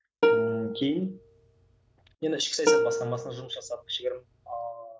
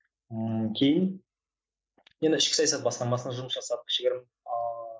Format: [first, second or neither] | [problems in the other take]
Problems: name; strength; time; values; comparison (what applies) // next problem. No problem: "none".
second | background sound (Plucked string instrument); 4 dB above the speech